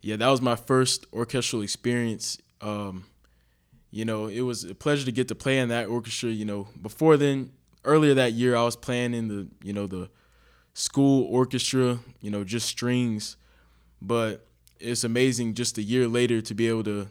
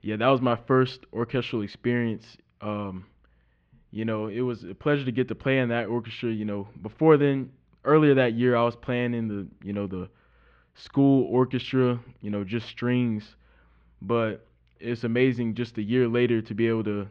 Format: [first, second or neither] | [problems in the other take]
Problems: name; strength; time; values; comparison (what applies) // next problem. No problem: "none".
first | muffled; very; fading above 3 kHz